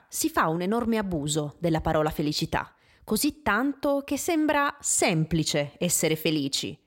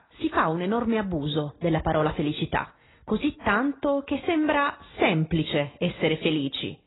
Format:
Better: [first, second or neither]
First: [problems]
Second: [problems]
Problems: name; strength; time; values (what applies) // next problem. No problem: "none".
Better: first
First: none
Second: garbled, watery; badly; nothing above 4 kHz